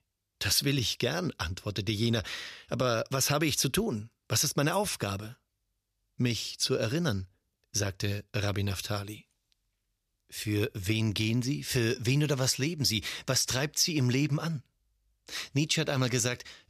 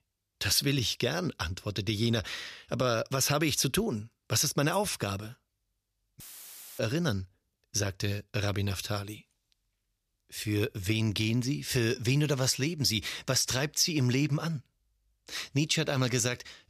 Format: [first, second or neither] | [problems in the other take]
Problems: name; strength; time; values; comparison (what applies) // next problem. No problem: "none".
first | audio cutting out; filled with static; at 6 s for 0.5 s